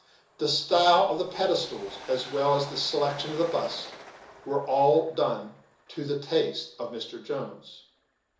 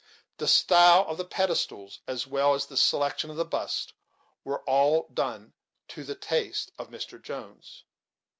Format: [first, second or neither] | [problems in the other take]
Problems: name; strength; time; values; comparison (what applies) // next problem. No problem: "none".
second | background sound (Train); 20 dB below the speech // room echo; dies away in 0.7 s